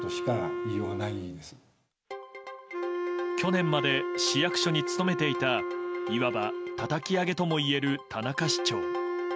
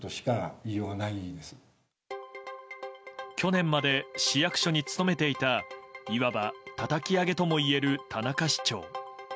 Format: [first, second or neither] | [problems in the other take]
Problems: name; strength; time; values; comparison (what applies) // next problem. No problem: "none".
second | background sound (Wind instrument, woodwind instrument); 3 dB below the speech